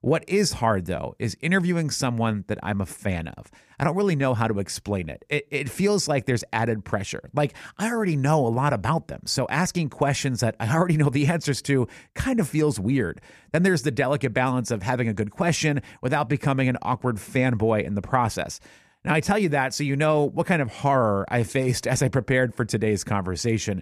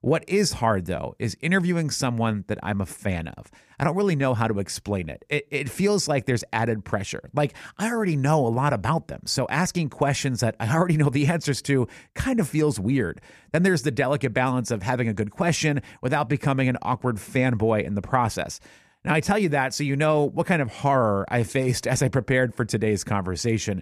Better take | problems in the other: neither | none

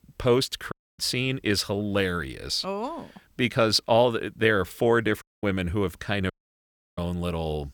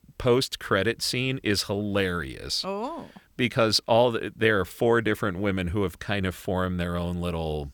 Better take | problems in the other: second | audio cutting out; at 0.5 s, at 5 s and at 6.5 s for 0.5 s

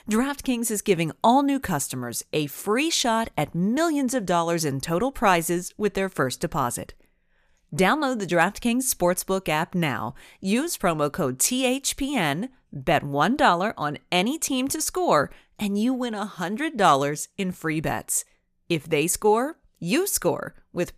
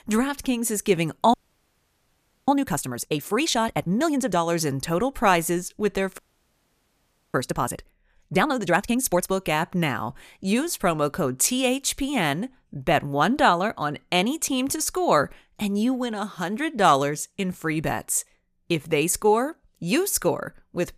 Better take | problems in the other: first | audio freezing; at 1.5 s for 1 s and at 6 s for 1 s

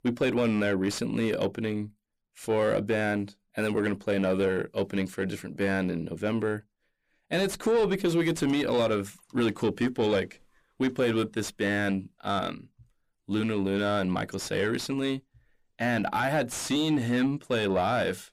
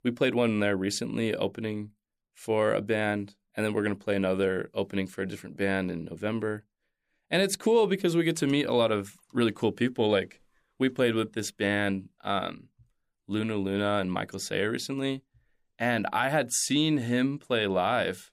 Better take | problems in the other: second | distortion; slight; 10 dB below the speech

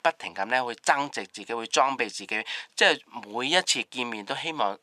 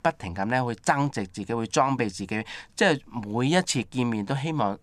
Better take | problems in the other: second | thin; somewhat; fading below 450 Hz

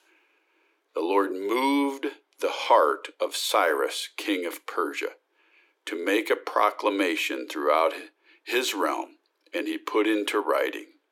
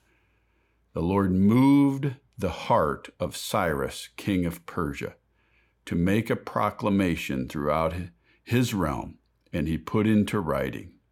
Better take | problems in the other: second | thin; somewhat; fading below 300 Hz

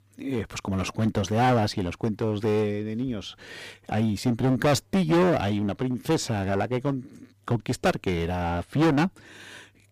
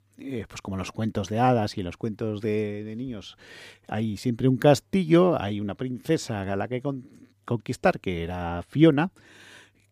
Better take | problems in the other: second | distortion; heavy; 10% of the sound clipped

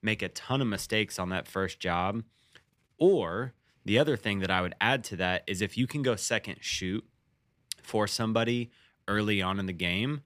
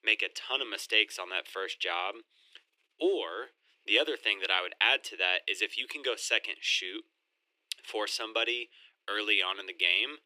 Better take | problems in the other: first | thin; very; fading below 300 Hz

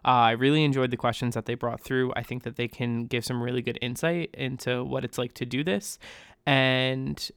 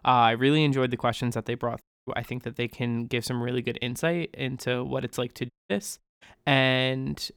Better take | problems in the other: first | audio cutting out; at 2 s, at 5.5 s and at 6 s

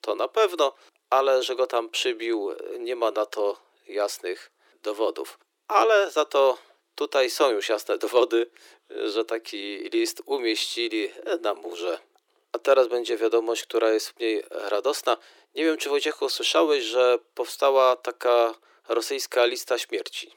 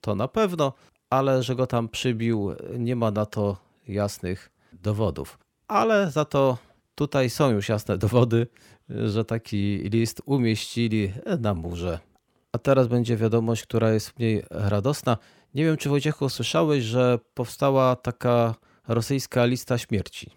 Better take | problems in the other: second | thin; very; fading below 350 Hz

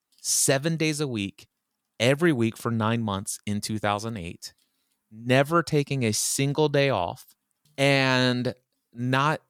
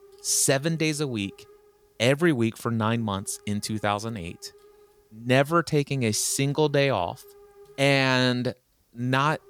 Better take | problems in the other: first | hiss; faint; throughout; 30 dB below the speech

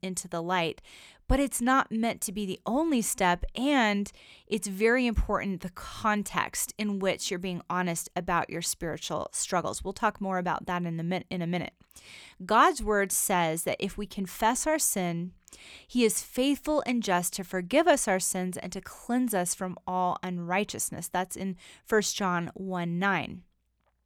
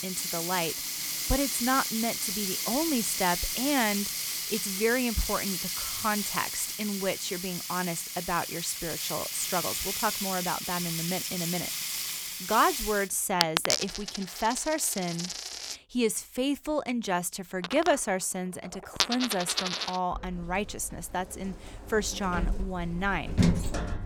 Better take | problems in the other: first | household noises; loud; throughout; as loud as the speech

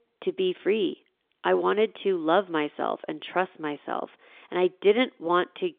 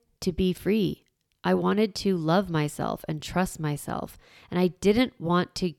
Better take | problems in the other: second | phone-call audio; nothing above 3.5 kHz

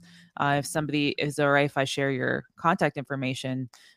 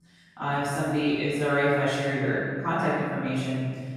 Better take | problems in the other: first | off-mic speech; far // room echo; strong; dies away in 1.8 s

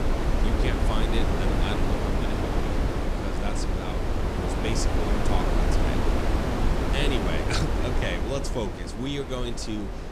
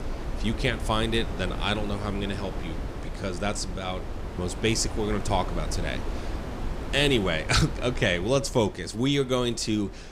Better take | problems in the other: second | wind noise on the microphone; heavy; 3 dB above the speech; occasional gusts in the second

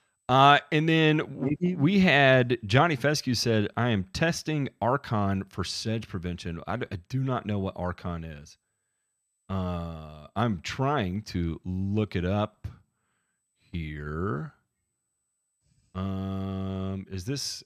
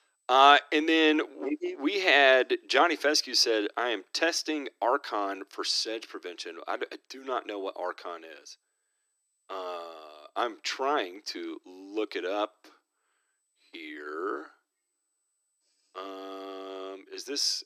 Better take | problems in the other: first | thin; somewhat; fading below 300 Hz

